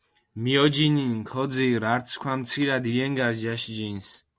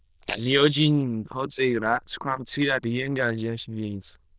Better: first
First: none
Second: noise reduction (neural diffusion model UNIVERSE++)

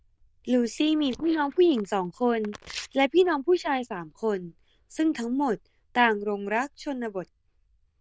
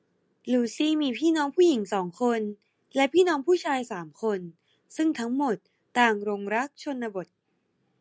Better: second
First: noise reduction (neural diffusion model UNIVERSE++)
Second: none

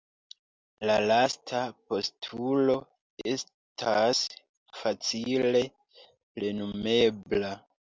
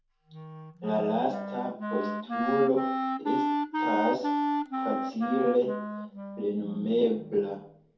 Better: first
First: none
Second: background sound (Wind instrument, woodwind instrument); 2 dB below the speech // room echo; dies away in 0.5 s

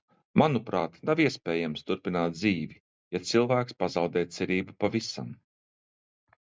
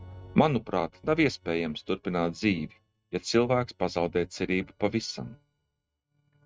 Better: first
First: none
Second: noise reduction (neural mask model RNNoise)

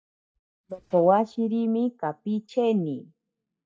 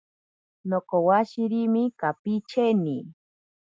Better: second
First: noise reduction (neural mask model DeepFilterNet 3)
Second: none

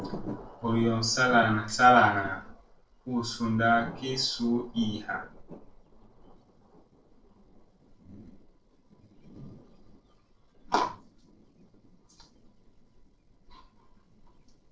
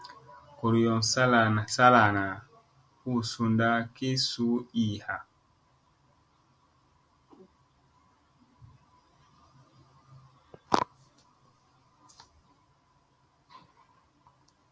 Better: second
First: noise reduction (neural separator model SepFormer DNS4)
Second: none

